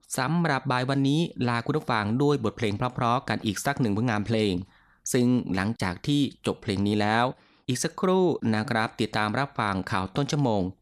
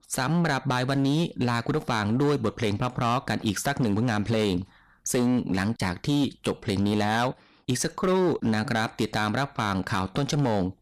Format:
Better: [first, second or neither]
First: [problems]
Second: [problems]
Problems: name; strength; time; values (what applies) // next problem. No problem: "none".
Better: first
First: none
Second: distortion; slight; 12% of the sound clipped